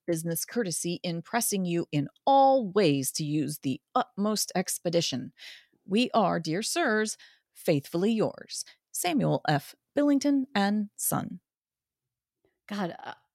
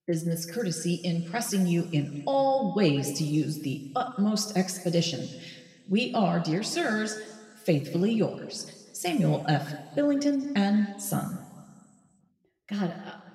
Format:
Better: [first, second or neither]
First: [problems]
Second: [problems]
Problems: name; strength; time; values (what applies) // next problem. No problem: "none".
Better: first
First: none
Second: room echo; slight; dies away in 1.6 s // off-mic speech; somewhat distant